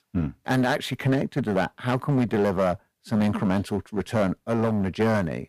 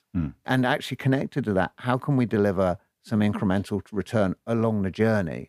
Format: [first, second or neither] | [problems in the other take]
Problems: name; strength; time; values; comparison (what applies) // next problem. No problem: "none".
second | distortion; slight; 8% of the sound clipped